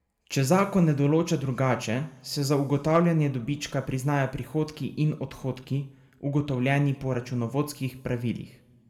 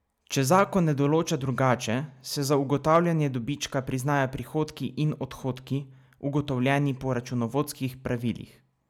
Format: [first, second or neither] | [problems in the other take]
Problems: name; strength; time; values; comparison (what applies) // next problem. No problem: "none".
second | room echo; dies away in 1.1 s